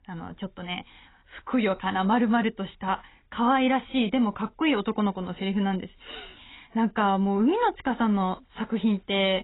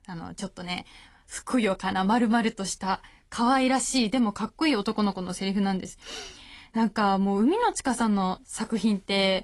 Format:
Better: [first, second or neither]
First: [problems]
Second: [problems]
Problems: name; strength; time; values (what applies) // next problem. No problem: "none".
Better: second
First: garbled, watery; badly; nothing above 4 kHz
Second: garbled, watery; slightly